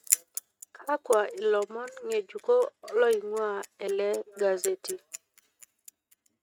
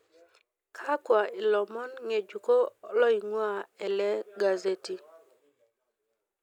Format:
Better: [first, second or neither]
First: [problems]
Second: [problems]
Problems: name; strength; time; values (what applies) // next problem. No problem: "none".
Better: second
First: noise reduction (neural mask model RNNoise)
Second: none